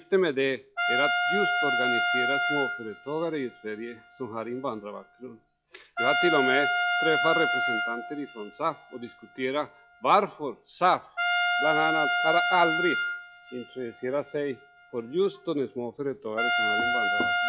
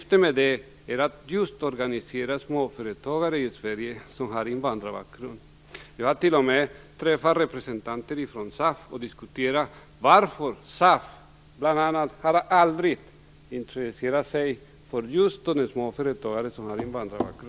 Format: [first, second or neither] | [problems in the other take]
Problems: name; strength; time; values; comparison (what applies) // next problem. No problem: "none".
second | noise reduction (classical method log-MMSE)